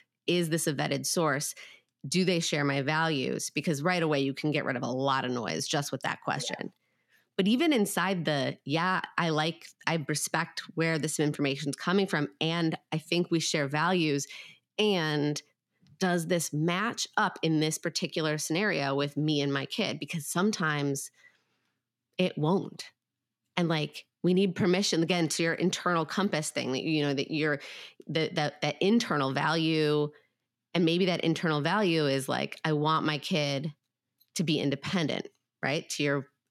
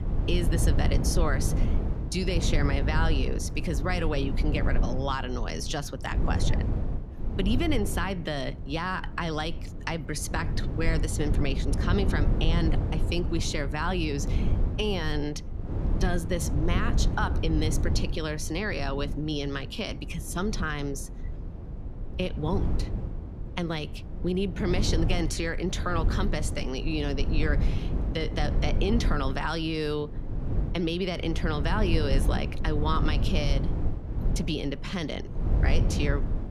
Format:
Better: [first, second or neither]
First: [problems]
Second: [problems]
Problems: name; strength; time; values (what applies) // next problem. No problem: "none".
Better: first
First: none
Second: low rumble; loud; throughout; 9 dB below the speech